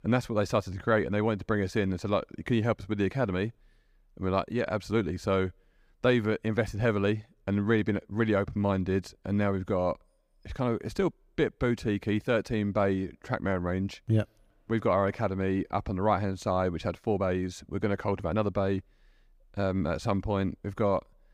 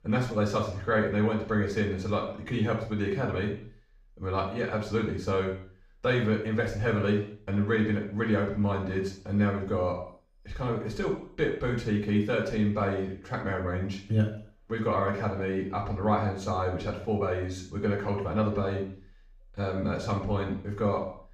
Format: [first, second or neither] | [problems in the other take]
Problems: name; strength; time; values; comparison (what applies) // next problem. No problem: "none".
first | room echo; noticeable; dies away in 0.5 s // off-mic speech; far